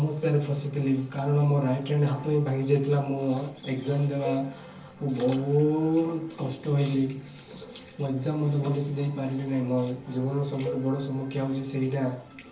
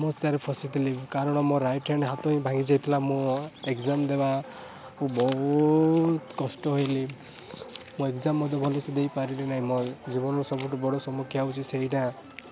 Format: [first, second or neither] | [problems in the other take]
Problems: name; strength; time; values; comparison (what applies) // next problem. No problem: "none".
second | background sound (Cowbell); 14 dB below the speech // room echo; dies away in 0.4 s